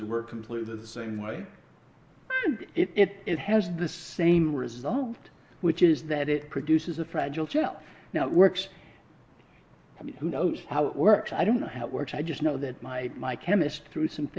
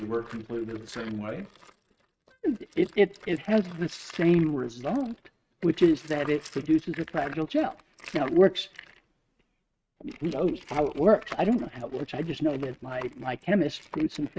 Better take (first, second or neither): first